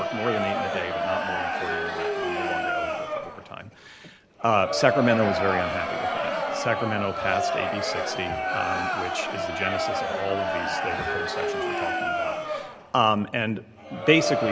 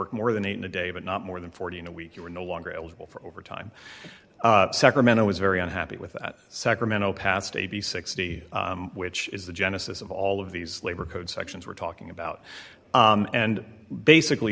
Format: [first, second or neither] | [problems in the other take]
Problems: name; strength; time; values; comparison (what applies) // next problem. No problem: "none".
second | background sound (Crowd); as loud as the speech